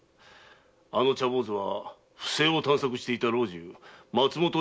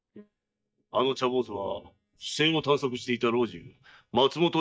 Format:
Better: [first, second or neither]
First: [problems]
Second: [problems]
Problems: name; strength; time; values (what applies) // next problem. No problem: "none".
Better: first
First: none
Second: noise reduction (neural mask model DeepFilterNet 3)